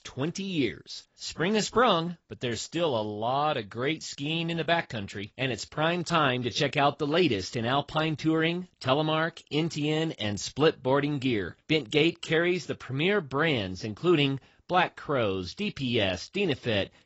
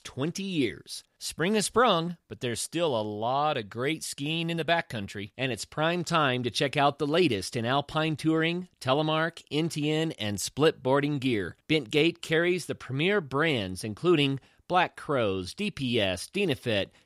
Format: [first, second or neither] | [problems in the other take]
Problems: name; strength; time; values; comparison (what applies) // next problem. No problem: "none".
second | garbled, watery; badly; nothing above 7.5 kHz